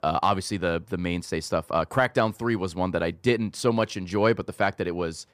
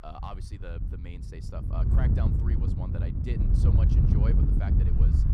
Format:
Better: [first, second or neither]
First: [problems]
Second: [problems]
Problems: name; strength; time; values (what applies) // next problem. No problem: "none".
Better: first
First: none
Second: wind noise on the microphone; heavy; 4 dB above the speech